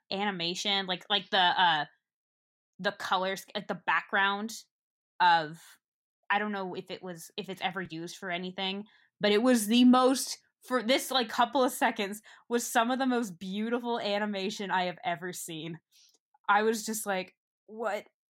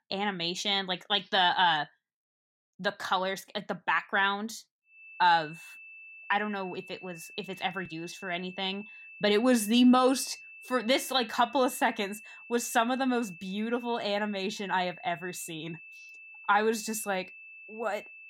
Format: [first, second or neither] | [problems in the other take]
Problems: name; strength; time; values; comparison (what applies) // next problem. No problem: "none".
first | high-pitched whine; noticeable; from 5 s on; 2.5 kHz, 20 dB below the speech